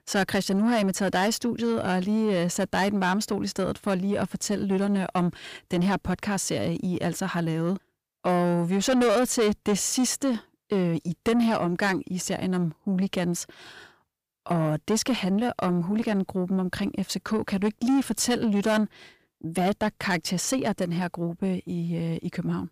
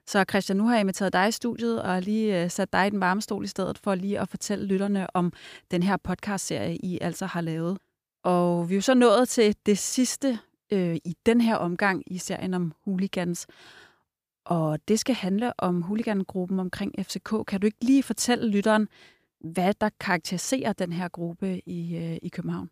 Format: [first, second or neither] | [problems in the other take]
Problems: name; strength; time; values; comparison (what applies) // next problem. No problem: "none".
second | distortion; slight; 10 dB below the speech